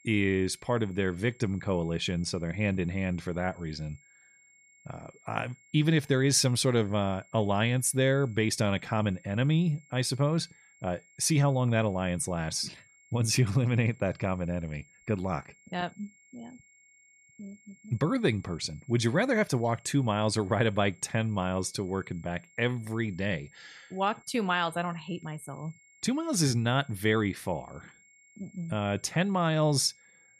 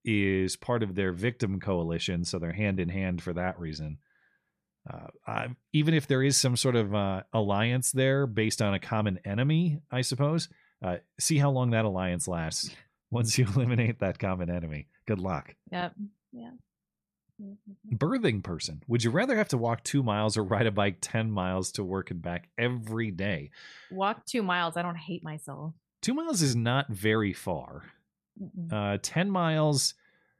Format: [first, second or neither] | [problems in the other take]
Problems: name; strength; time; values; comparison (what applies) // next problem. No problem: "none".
second | high-pitched whine; faint; throughout; 2 kHz, 30 dB below the speech